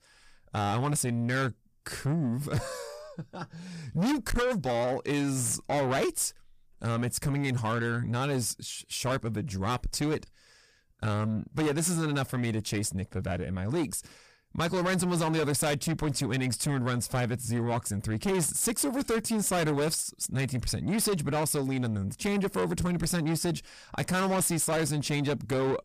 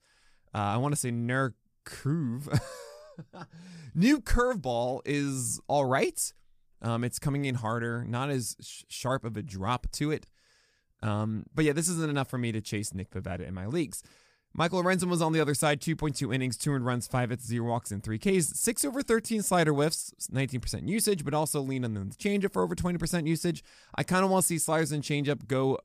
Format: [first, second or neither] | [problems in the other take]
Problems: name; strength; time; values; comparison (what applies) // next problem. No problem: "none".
second | distortion; heavy; 7 dB below the speech